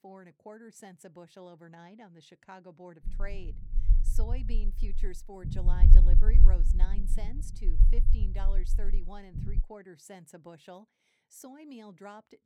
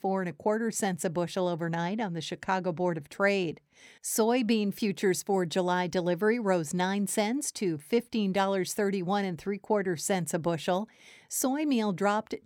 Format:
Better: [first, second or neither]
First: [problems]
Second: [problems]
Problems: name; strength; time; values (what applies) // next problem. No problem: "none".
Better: second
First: low rumble; loud; from 3 to 9.5 s; 3 dB below the speech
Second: none